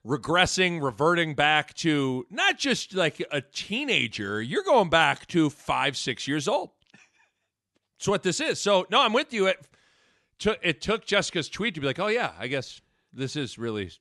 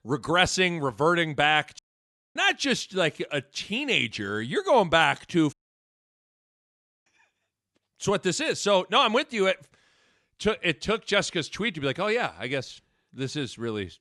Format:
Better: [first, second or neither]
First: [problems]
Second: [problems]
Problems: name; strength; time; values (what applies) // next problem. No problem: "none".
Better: first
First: none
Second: audio cutting out; at 2 s for 0.5 s and at 5.5 s for 1.5 s